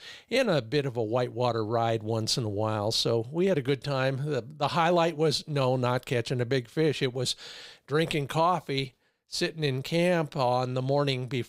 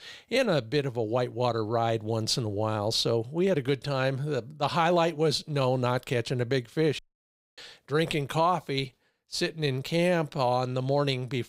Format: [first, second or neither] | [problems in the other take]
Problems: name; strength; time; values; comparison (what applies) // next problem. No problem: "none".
first | audio cutting out; at 7 s for 0.5 s